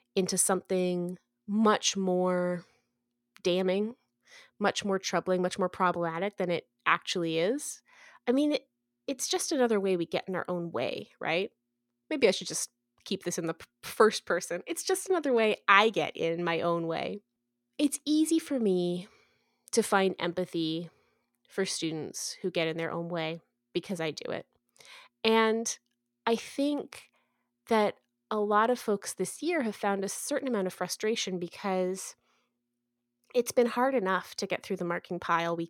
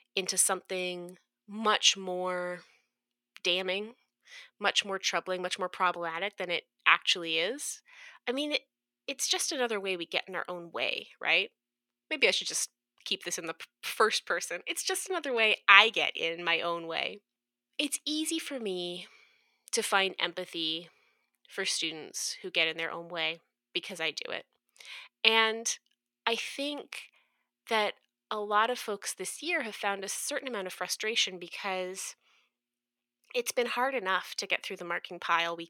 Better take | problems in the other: first | thin; somewhat; fading below 850 Hz

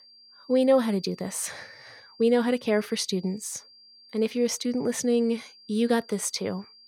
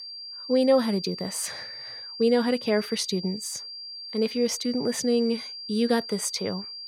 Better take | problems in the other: first | high-pitched whine; loud; throughout; 4.5 kHz, 10 dB below the speech; faint in the first

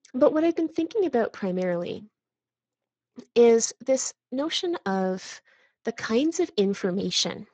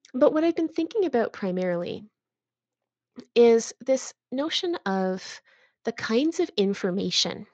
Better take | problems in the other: second | garbled, watery; badly; slightly in the second

